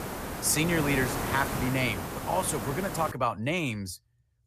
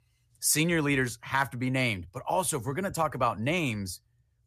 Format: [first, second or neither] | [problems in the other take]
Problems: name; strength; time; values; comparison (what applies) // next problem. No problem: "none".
second | hiss; loud; until 3 s; 5 dB below the speech